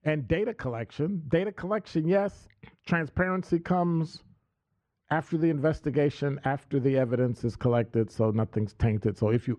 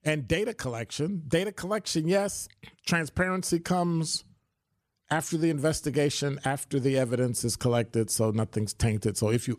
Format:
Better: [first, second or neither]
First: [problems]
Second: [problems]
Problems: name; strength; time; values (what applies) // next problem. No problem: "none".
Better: second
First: muffled; very; fading above 2 kHz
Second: none